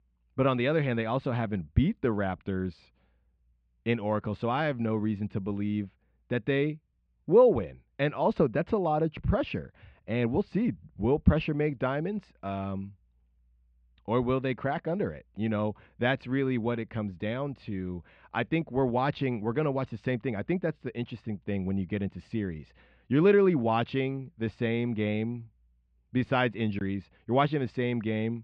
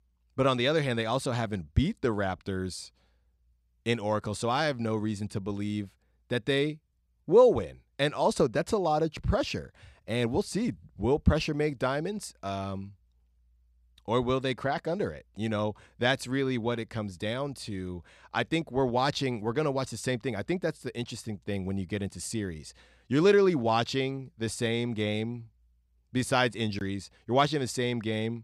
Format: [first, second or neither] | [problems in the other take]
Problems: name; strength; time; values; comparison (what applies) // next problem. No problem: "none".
second | muffled; very; fading above 3 kHz